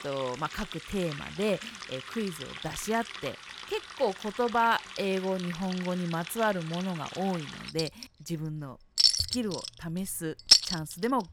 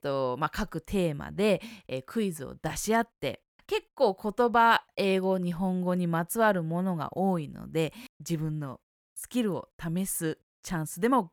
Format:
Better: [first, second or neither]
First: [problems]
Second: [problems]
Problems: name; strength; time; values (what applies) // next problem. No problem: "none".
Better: second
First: household noises; very loud; throughout; 3 dB above the speech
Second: none